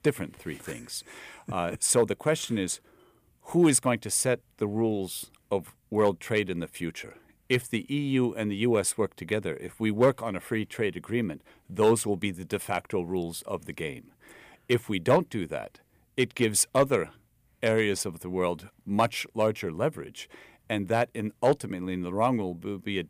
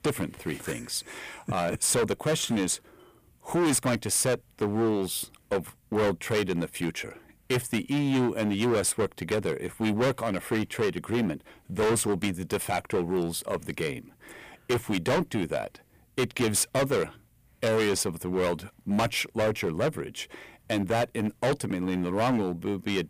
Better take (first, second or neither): first